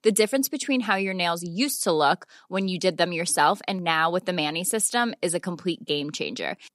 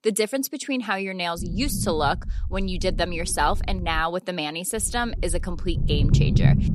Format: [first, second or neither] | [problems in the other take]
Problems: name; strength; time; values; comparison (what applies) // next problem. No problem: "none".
first | low rumble; noticeable; from 1.5 to 4 s and from 5 s on; 10 dB below the speech